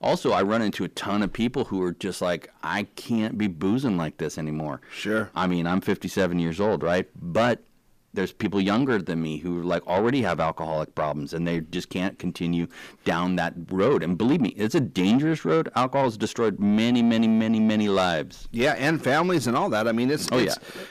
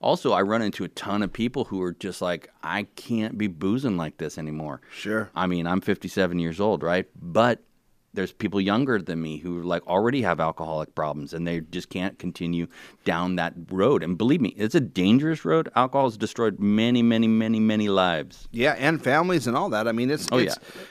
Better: second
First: distortion; slight; 10 dB below the speech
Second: none

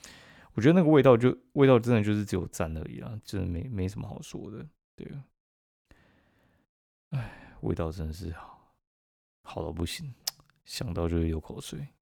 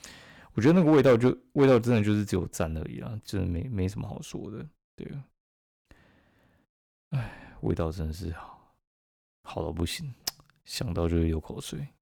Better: first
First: none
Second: distortion; slight; 1.4% of the sound clipped

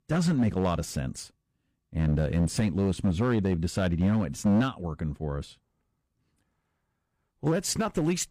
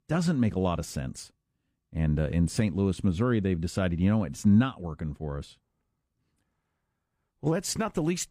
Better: second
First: distortion; slight; 5% of the sound clipped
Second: none

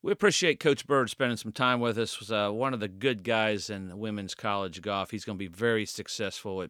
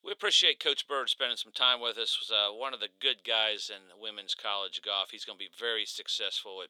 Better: first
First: none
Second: thin; very; fading below 500 Hz

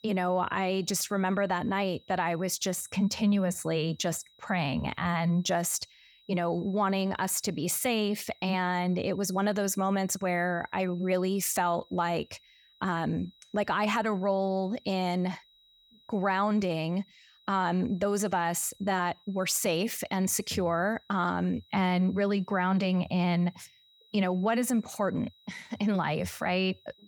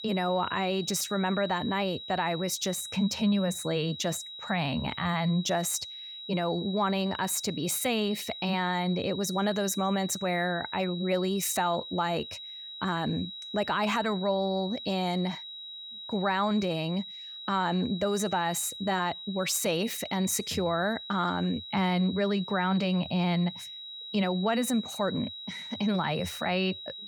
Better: first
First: high-pitched whine; faint; throughout; 4 kHz, 30 dB below the speech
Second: high-pitched whine; loud; throughout; 4 kHz, 10 dB below the speech

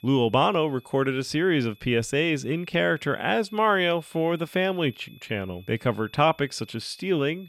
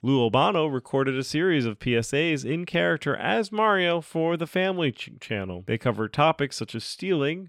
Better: second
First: high-pitched whine; faint; throughout; 3.5 kHz, 30 dB below the speech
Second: none

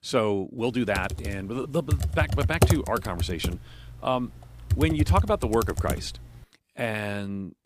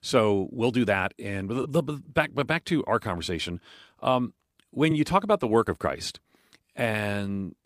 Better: second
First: keyboard typing; loud; from 1 to 6 s; peak 6 dB above the speech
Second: none

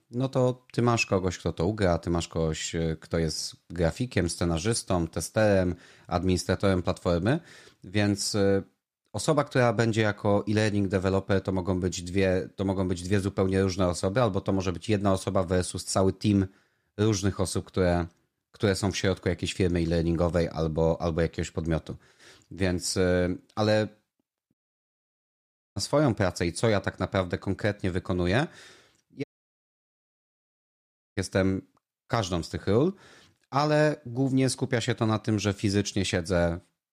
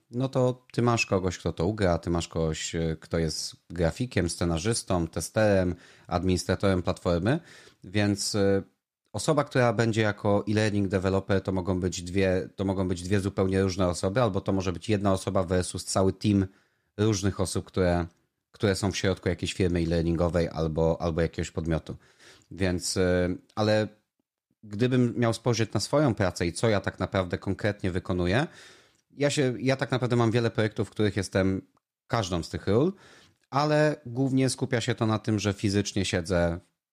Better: second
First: audio cutting out; at 25 s for 1 s and at 29 s for 2 s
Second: none

